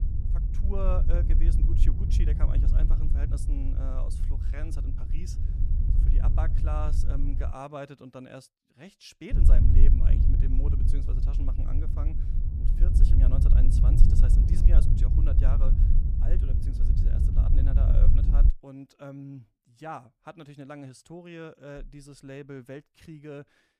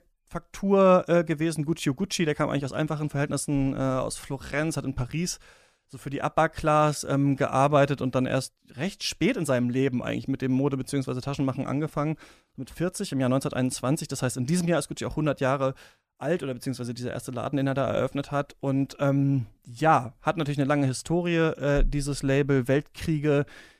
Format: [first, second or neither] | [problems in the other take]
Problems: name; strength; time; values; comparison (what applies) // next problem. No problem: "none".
second | low rumble; loud; until 7.5 s and from 9.5 to 18 s; 1 dB below the speech